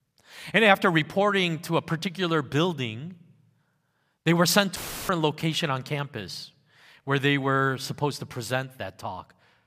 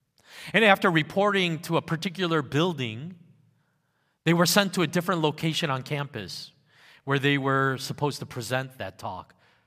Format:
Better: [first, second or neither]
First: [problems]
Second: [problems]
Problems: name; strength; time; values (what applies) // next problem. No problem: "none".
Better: second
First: audio cutting out; filled with static; at 5 s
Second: none